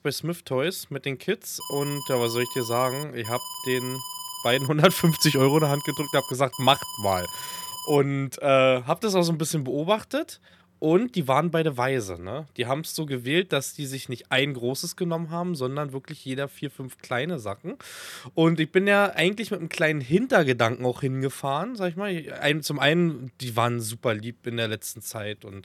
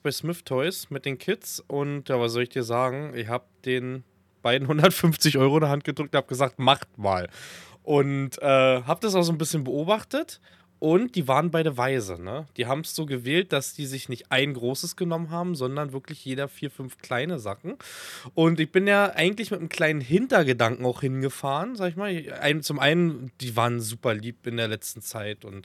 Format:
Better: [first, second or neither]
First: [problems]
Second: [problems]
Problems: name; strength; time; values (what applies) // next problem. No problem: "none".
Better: second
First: alarm; noticeable; from 1.5 to 8 s; peak 8 dB below the speech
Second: none